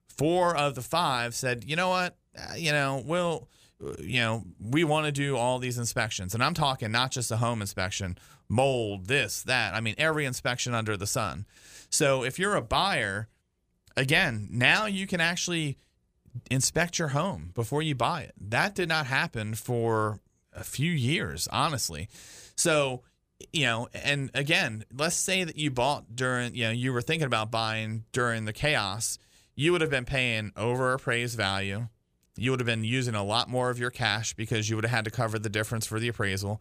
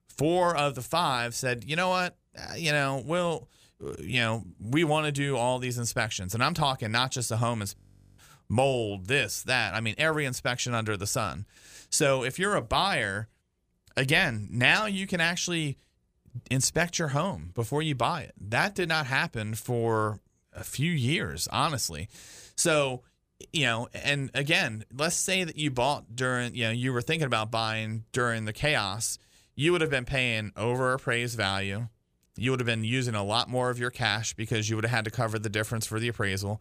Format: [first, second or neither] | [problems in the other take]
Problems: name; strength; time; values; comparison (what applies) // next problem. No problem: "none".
first | audio freezing; at 8 s